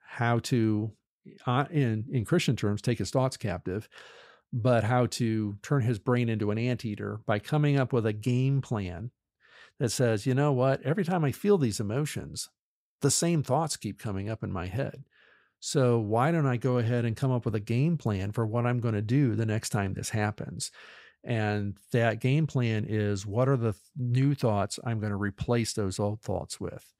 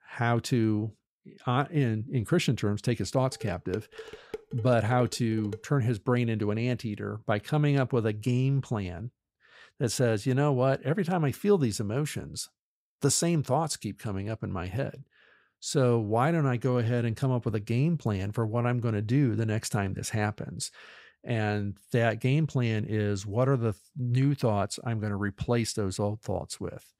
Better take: first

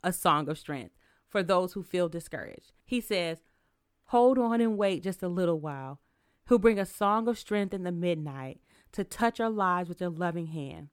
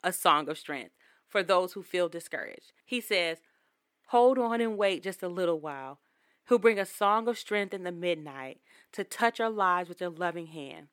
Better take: first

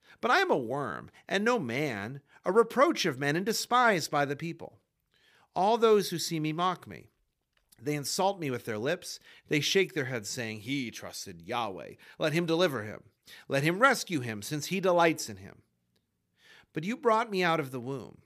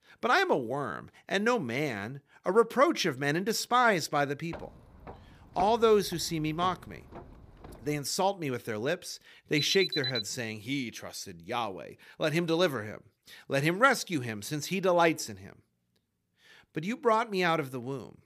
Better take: first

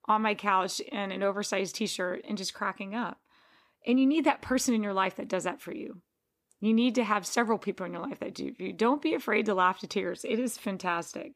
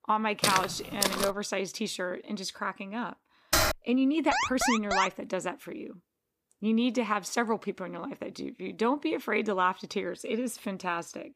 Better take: first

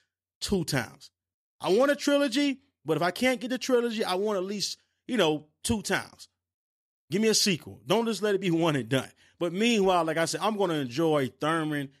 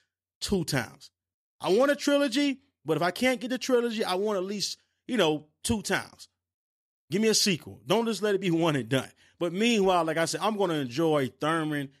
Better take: neither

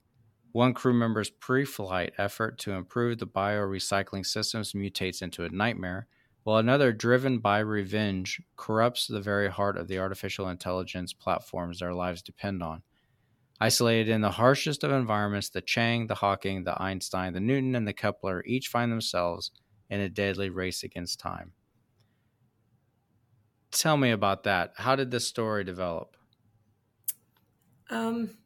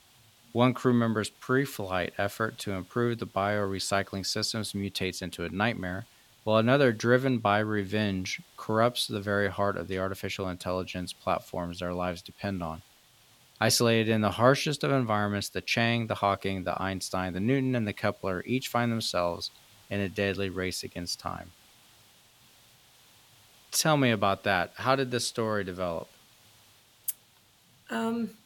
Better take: first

